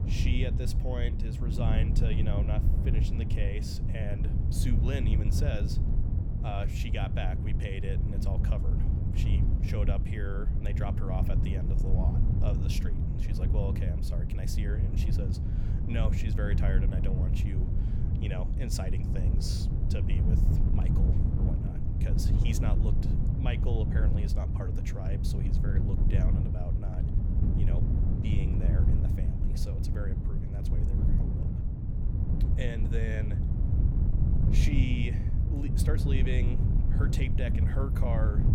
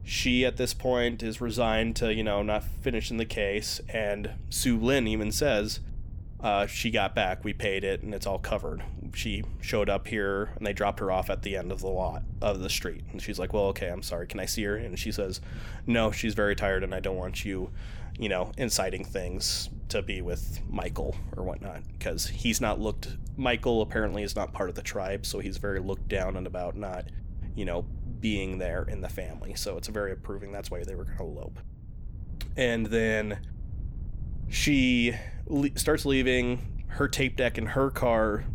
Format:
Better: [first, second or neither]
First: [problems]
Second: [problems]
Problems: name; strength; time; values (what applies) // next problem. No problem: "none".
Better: second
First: wind noise on the microphone; heavy; 1 dB below the speech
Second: wind noise on the microphone; occasional gusts; 25 dB below the speech